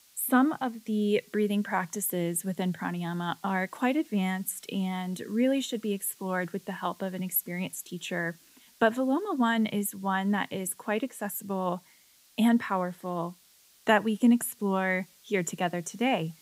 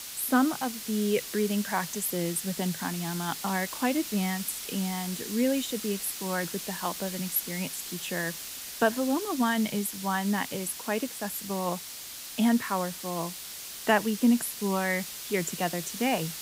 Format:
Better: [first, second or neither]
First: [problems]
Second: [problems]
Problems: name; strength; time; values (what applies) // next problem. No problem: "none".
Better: first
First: hiss; faint; throughout; 25 dB below the speech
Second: hiss; loud; throughout; 7 dB below the speech